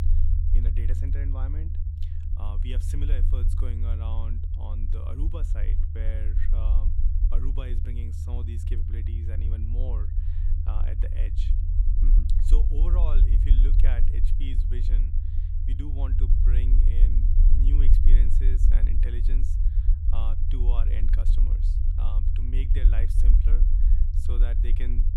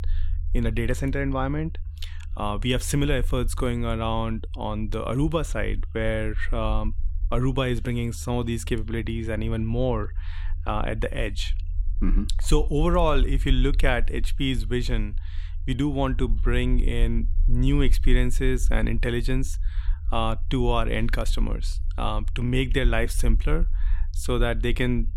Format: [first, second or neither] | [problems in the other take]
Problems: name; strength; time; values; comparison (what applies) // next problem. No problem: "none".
second | low rumble; loud; throughout; 1 dB below the speech; faint in the second